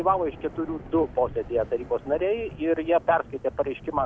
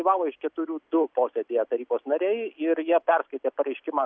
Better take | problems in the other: second | background sound (Thunder / Rain); 16 dB below the speech

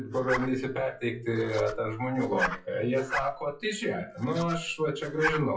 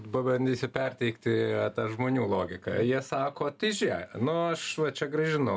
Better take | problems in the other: second | noise reduction (classical method WPE with log-MMSE)

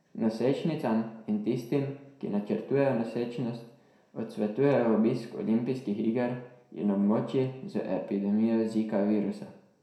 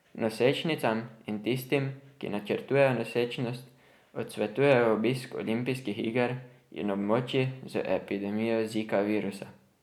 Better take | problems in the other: second | room echo; dies away in 0.6 s

